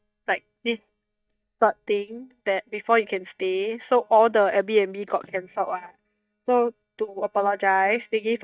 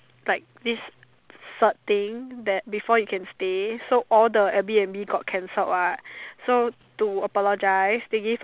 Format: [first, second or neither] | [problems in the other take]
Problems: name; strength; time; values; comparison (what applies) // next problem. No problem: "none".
second | noise reduction (neural mask model DeepFilterNet 3)